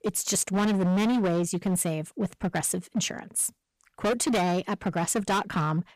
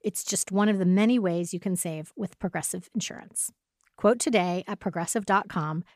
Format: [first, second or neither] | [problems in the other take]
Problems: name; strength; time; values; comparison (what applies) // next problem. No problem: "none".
second | distortion; heavy; 19% of the sound clipped